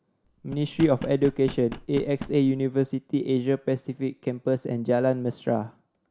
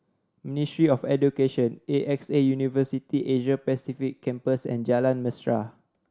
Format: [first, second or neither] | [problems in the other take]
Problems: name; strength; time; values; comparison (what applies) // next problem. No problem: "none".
second | background sound (Knock); 13 dB below the speech